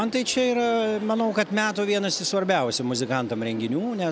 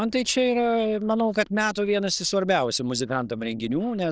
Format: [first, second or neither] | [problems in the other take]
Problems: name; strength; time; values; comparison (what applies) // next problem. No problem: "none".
first | noise reduction (neural diffusion model UNIVERSE++)